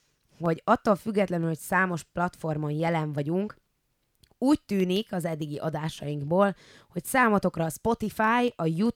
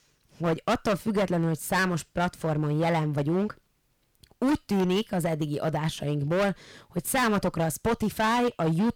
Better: first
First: none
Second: distortion; heavy; 13% of the sound clipped

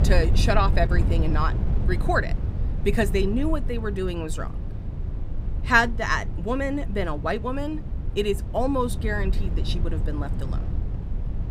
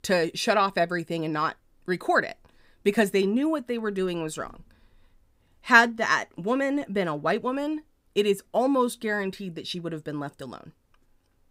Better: second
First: wind noise on the microphone; occasional gusts; 15 dB below the speech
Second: none

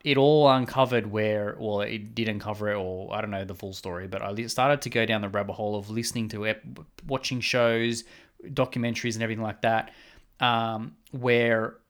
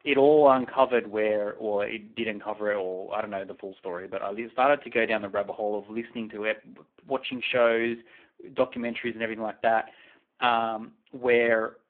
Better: first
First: none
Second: phone-call audio; poor line

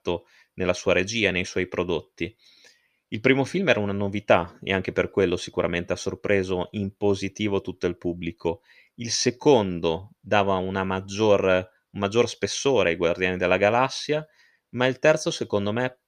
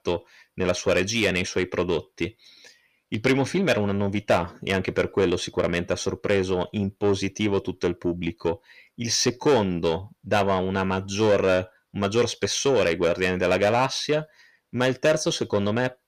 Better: first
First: none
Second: distortion; slight; 10 dB below the speech

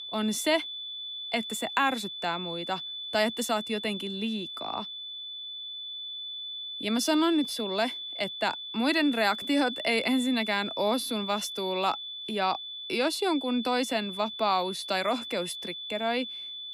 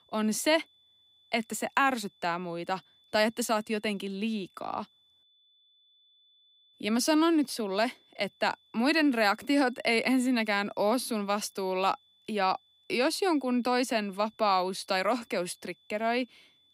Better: second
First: high-pitched whine; loud; throughout; 3.5 kHz, 6 dB below the speech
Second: high-pitched whine; faint; throughout; 3.5 kHz, 35 dB below the speech

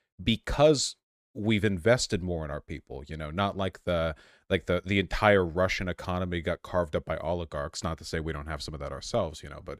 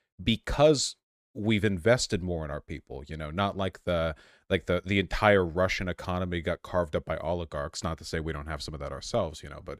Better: neither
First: none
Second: none

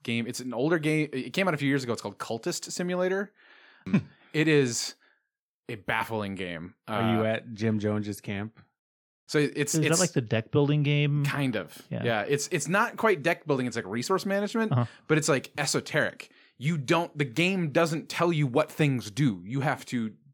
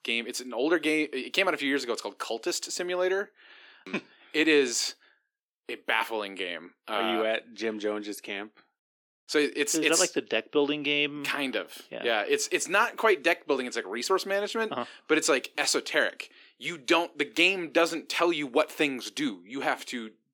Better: first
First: none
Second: thin; somewhat; fading below 300 Hz

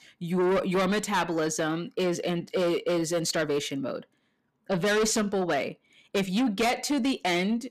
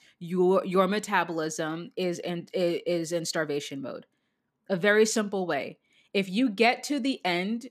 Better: second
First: distortion; heavy; 7 dB below the speech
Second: none

